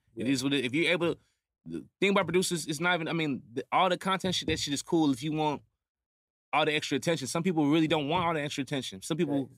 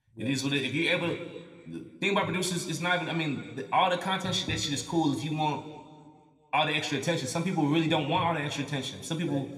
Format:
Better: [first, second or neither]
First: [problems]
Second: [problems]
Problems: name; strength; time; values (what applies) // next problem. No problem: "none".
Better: first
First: none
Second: room echo; slight; dies away in 1.5 s